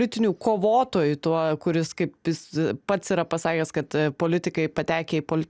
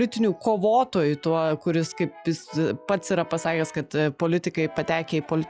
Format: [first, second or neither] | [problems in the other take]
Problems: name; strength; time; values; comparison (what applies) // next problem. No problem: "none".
first | noise reduction (classical method log-MMSE)